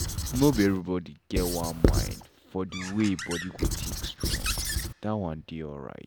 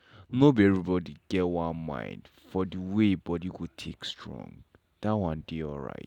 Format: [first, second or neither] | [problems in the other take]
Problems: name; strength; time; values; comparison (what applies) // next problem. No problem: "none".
second | background sound (Squeak / Writing); 1 dB below the speech